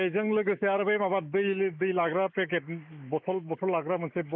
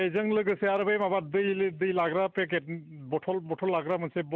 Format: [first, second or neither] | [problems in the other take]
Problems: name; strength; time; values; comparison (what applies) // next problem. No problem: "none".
second | noise reduction (neural mask model Resemble Enhance denoiser)